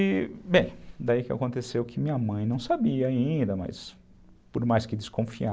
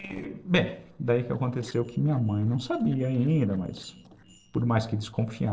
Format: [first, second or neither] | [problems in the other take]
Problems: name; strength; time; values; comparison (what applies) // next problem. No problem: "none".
first | noise reduction (neural separator model SepFormer DNS4)